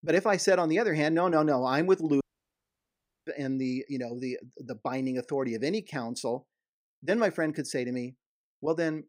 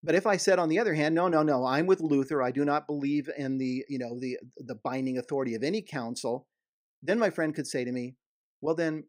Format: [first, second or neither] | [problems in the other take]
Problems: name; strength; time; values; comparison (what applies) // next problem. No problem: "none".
second | audio cutting out; at 2 s for 1 s